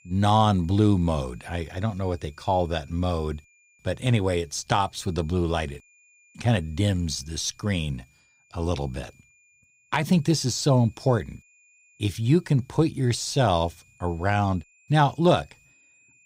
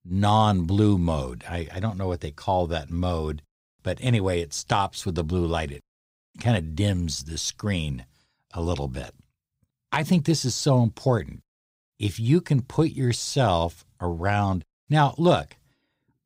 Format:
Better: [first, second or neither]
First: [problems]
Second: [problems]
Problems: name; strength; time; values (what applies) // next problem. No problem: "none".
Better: second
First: high-pitched whine; faint; throughout; 2.5 kHz, 35 dB below the speech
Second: none